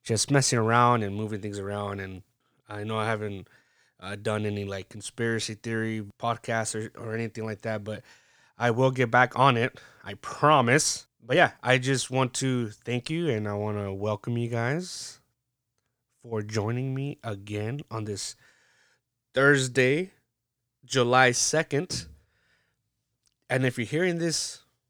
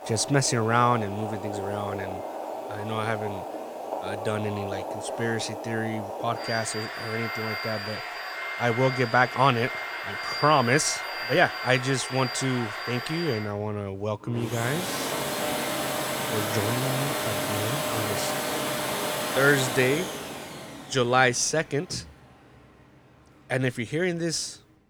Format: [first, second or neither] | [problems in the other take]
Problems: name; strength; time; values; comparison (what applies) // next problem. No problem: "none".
first | household noises; loud; throughout; 4 dB below the speech